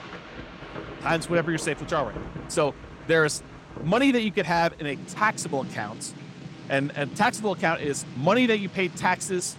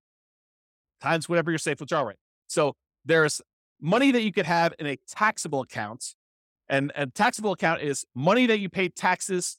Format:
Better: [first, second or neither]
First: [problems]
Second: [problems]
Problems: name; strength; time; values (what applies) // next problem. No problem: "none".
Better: second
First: rain or running water; noticeable; throughout; 15 dB below the speech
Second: none